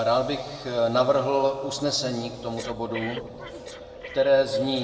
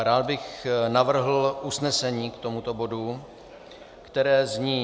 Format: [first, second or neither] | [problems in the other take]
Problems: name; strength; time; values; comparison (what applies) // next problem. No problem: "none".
second | background sound (Breathing); 17 dB below the speech // room echo; dies away in 1.4 s